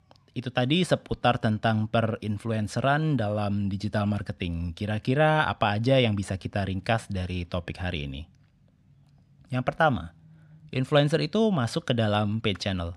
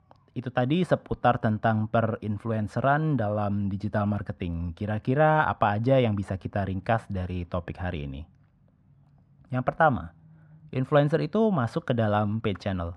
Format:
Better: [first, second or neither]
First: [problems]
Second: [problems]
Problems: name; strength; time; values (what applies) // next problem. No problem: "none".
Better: first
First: none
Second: muffled; slightly; fading above 2 kHz